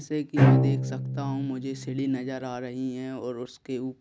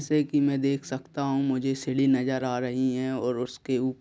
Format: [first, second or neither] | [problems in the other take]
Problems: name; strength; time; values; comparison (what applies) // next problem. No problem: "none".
second | background sound (Bowed string instrument); 5 dB above the speech